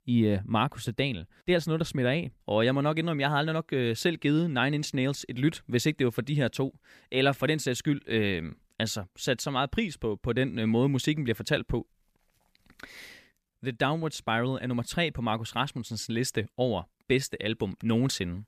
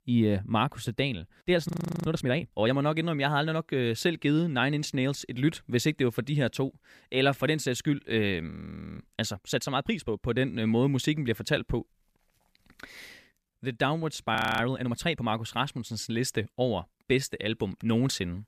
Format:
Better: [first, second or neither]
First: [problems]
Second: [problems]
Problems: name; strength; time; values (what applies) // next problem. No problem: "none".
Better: first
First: none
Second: audio freezing; at 1.5 s, at 8.5 s and at 14 s